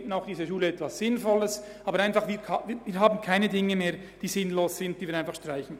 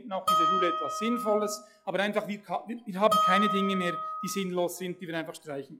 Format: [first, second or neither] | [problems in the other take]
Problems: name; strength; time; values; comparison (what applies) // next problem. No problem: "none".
first | noise reduction (classical method log-MMSE)